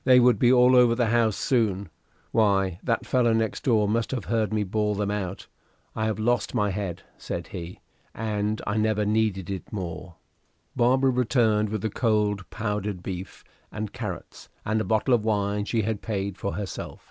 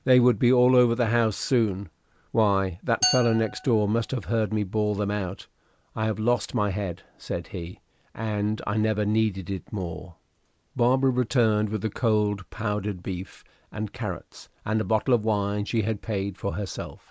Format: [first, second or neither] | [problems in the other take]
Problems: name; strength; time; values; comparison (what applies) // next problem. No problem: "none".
first | background sound (Glass); 9 dB below the speech